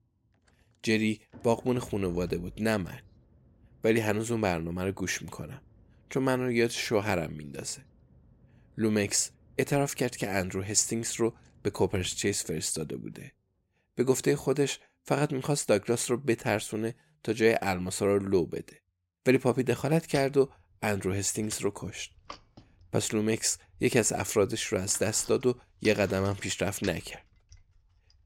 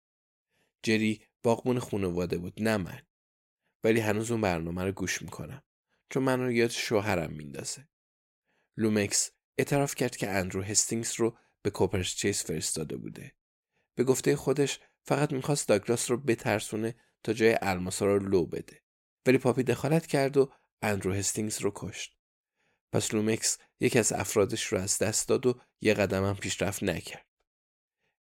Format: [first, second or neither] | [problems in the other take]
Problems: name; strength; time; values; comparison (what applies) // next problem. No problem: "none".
second | traffic noise; faint; throughout; 25 dB below the speech